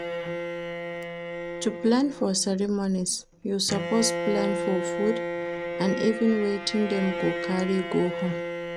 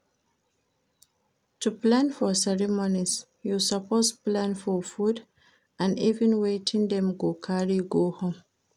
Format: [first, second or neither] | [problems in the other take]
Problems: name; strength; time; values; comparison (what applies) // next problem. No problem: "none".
second | background sound (Bowed string instrument); 5 dB below the speech